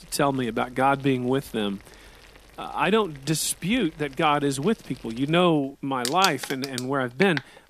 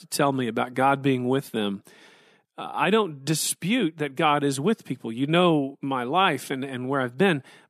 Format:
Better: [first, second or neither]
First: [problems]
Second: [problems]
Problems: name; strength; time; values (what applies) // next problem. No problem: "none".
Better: second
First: household noises; loud; throughout; 8 dB below the speech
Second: none